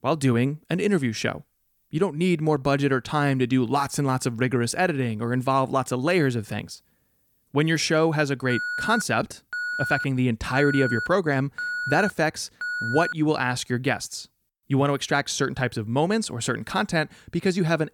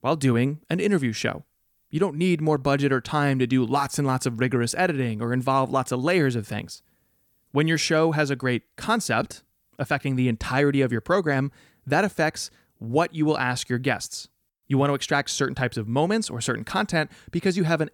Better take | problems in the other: second | alarm; noticeable; from 8.5 to 13 s; peak 3 dB below the speech

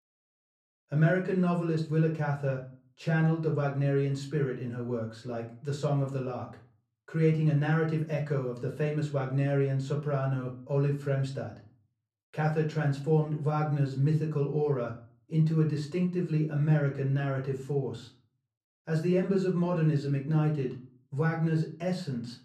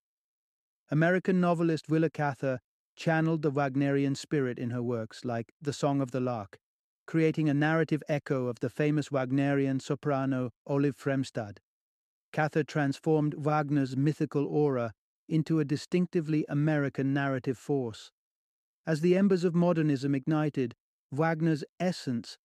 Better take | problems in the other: second | off-mic speech; far // room echo; very slight; dies away in 0.4 s

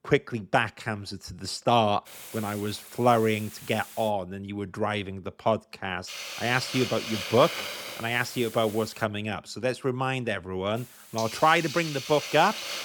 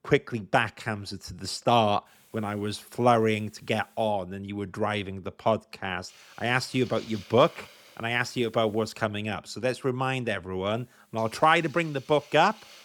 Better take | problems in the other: second | hiss; loud; from 2 to 4 s, from 6 to 9 s and from 11 s on; 9 dB below the speech; faint in the second

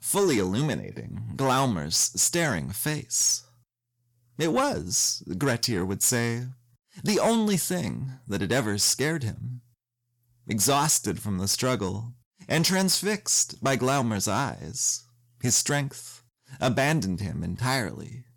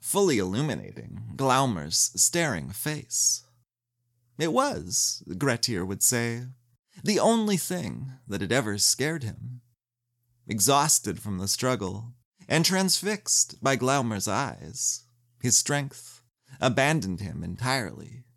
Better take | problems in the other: second | distortion; slight; 10 dB below the speech

